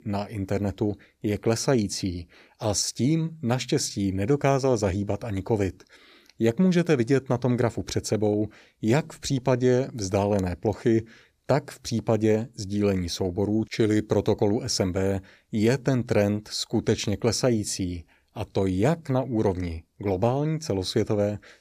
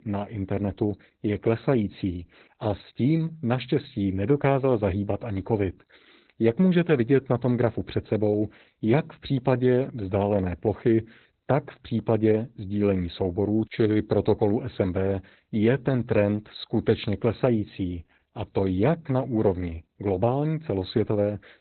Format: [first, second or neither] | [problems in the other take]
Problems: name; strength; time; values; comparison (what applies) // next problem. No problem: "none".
first | garbled, watery; badly; nothing above 4 kHz